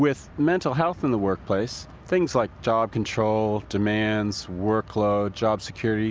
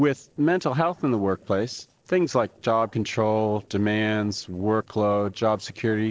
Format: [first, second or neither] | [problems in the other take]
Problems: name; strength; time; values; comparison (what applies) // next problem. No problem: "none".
first | noise reduction (neural separator model SepFormer DNS4)